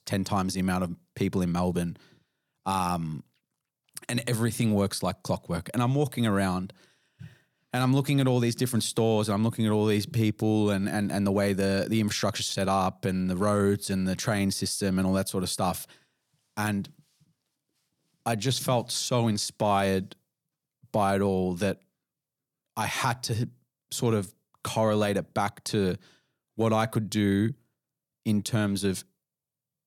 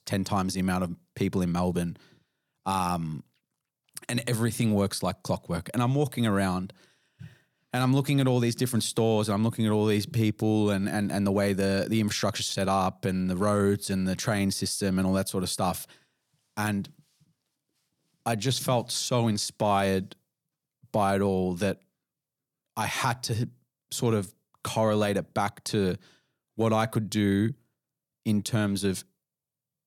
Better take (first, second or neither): neither